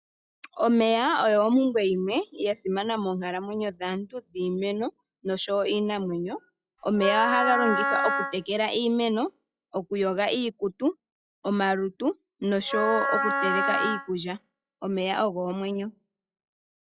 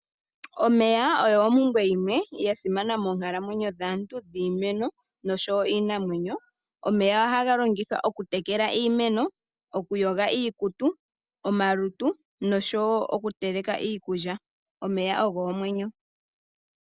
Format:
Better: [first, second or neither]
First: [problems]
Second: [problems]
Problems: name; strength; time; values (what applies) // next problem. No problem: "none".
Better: second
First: noise reduction (classical method log-MMSE)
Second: none